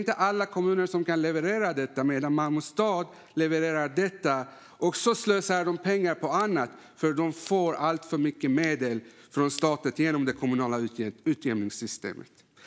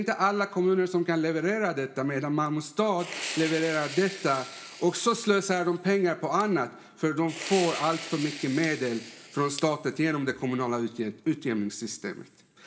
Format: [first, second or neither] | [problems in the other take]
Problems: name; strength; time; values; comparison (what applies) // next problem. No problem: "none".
first | background sound (Fire); 13 dB below the speech // room echo; dies away in 0.5 s